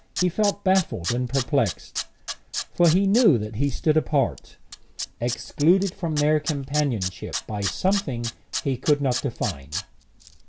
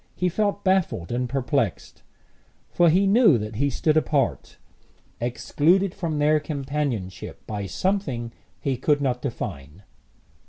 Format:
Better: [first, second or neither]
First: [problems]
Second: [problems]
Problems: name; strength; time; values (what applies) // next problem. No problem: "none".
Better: second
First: background sound (Tools); 10 dB below the speech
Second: none